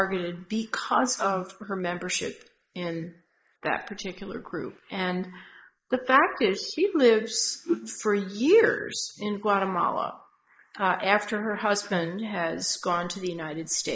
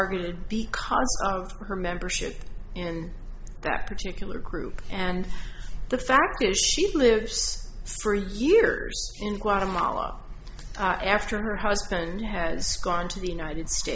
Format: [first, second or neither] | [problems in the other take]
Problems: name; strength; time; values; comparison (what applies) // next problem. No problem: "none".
second | noise reduction (neural mask model Resemble Enhance denoiser)